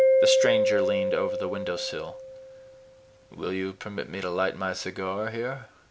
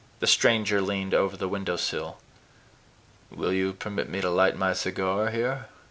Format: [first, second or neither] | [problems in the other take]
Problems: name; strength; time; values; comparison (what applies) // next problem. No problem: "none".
second | background sound (Mallet percussion); 3 dB above the speech